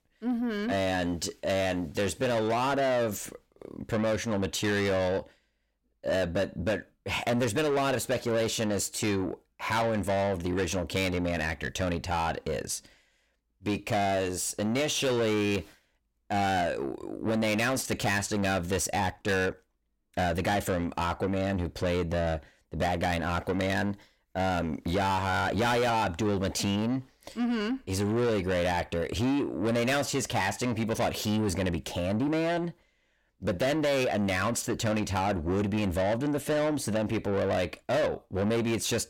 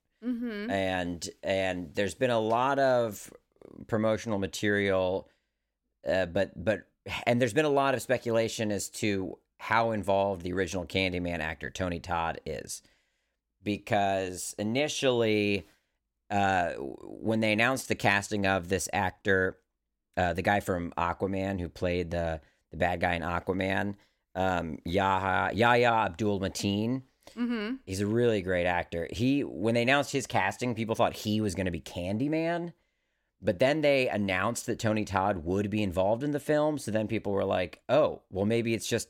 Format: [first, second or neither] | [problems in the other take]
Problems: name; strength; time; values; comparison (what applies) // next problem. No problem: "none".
second | distortion; heavy; 7 dB below the speech